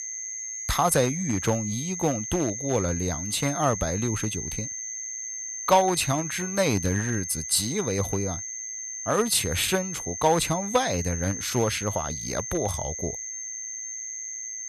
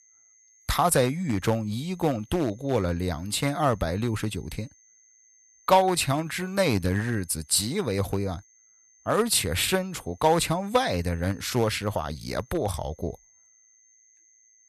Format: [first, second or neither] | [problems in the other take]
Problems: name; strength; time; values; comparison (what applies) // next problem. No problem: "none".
second | high-pitched whine; loud; throughout; 6.5 kHz, 6 dB below the speech; faint in the second